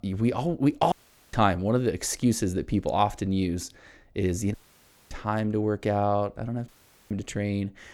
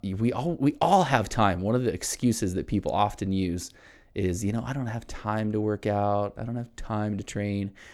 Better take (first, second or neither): second